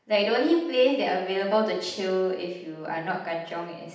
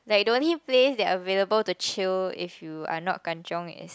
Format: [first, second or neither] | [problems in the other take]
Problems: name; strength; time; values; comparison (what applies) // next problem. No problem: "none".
second | room echo; dies away in 0.8 s